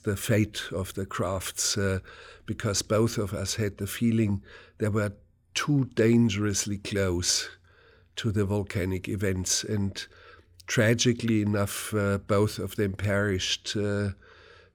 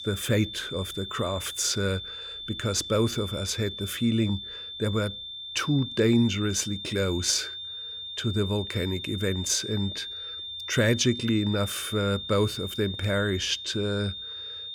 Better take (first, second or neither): first